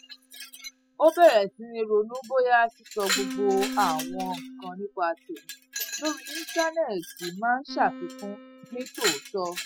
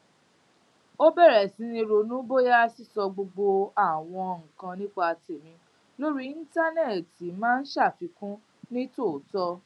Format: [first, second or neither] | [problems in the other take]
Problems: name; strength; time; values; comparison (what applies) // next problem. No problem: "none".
second | noise reduction (classical method spectral subtraction)